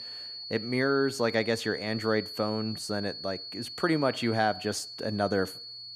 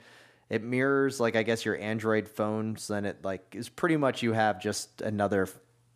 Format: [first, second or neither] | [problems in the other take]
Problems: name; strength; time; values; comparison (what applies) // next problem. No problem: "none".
second | high-pitched whine; loud; throughout; 4.5 kHz, 9 dB below the speech